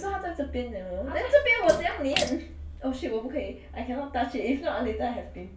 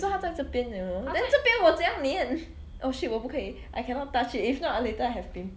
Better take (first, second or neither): second